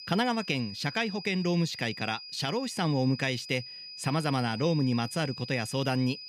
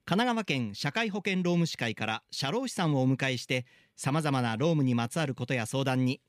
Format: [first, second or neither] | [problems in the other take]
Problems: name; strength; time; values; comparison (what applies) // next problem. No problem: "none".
second | high-pitched whine; noticeable; throughout; 5 kHz, 10 dB below the speech